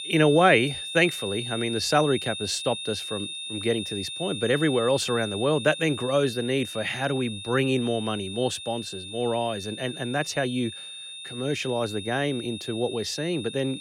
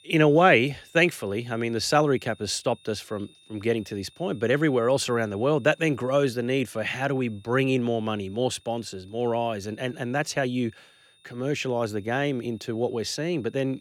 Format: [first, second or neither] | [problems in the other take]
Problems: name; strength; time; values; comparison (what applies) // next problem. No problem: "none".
second | high-pitched whine; loud; throughout; 3.5 kHz, 8 dB below the speech; faint in the second